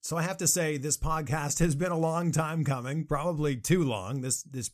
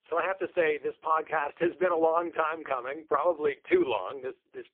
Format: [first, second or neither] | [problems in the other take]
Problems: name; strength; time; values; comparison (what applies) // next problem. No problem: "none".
first | phone-call audio; poor line